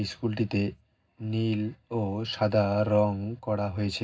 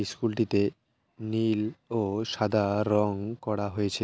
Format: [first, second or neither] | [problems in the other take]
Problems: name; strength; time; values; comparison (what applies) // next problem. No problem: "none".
second | room echo; dies away in 0.4 s